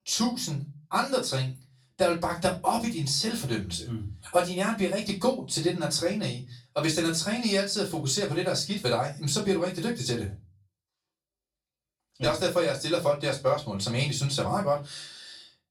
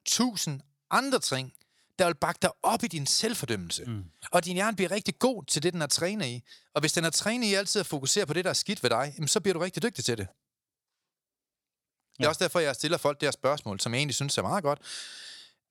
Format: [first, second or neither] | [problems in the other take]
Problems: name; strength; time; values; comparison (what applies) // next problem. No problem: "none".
second | off-mic speech; far // room echo; very slight; dies away in 0.3 s